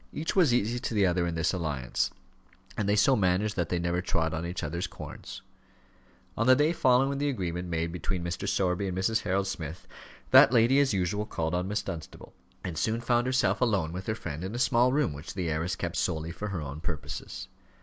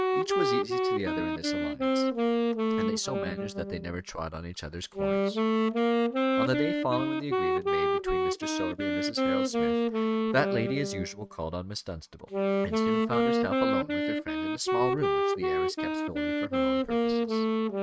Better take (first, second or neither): first